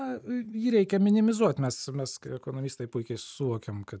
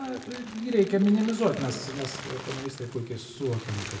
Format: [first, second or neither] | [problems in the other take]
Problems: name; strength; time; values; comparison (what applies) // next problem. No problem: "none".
first | background sound (Crumpling, crinkling); 14 dB below the speech // room echo; dies away in 1.6 s